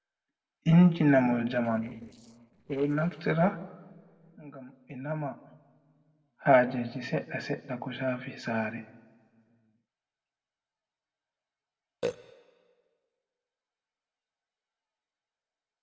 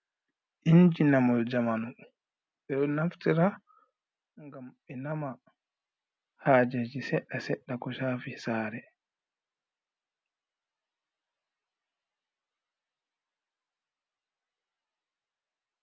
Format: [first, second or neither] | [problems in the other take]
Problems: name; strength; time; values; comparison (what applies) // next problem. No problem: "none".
second | noise reduction (neural separator model SepFormer DNS4)